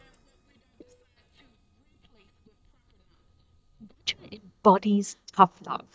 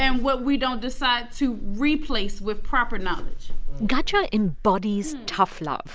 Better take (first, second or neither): second